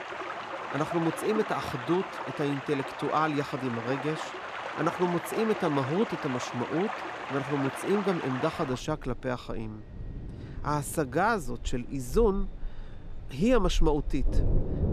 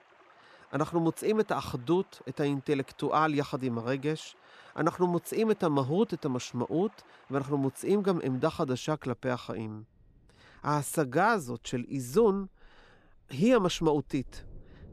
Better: second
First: rain or running water; loud; throughout; 6 dB below the speech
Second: rain or running water; faint; throughout; 30 dB below the speech

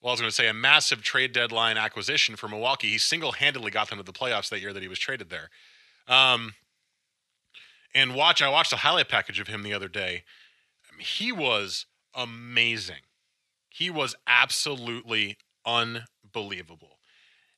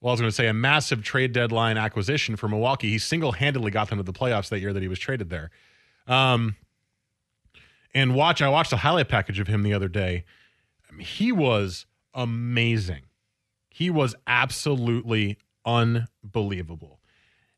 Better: second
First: thin; somewhat; fading below 1 kHz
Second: none

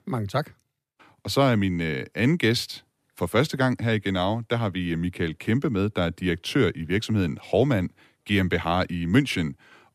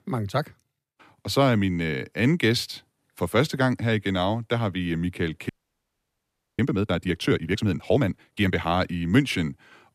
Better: first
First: none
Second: audio freezing; at 5.5 s for 1 s

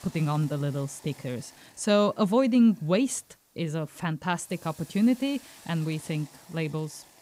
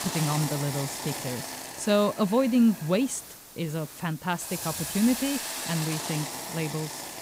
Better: first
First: hiss; faint; throughout; 25 dB below the speech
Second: hiss; loud; throughout; 6 dB below the speech

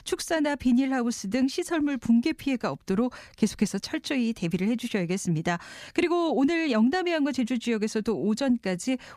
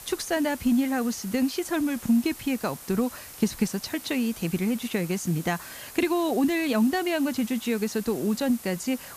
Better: first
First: none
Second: hiss; noticeable; throughout; 15 dB below the speech

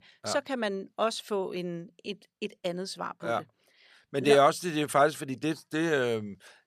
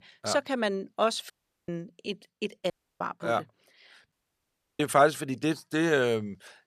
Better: first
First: none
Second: audio cutting out; at 1.5 s, at 2.5 s and at 4 s for 0.5 s

